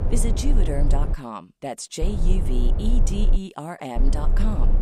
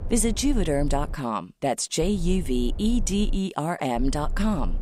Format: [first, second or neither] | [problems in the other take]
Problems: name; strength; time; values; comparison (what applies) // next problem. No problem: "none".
second | low rumble; loud; until 1 s, from 2 to 3.5 s and at 4 s; 6 dB below the speech; faint in the second